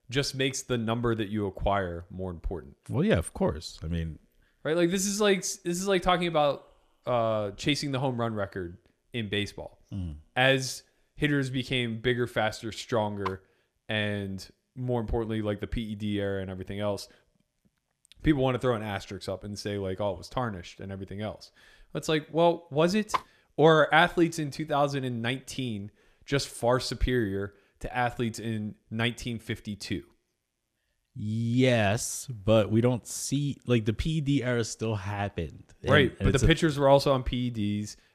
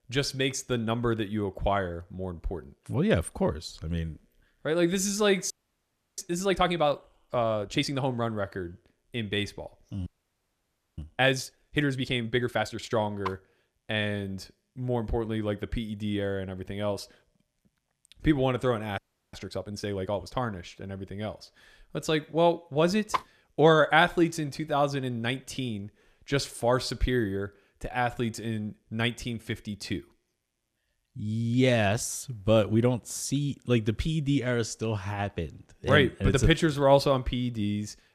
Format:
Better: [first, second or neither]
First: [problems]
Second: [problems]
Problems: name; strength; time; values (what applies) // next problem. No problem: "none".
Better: first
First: none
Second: audio freezing; at 5.5 s for 0.5 s, at 10 s for 1 s and at 19 s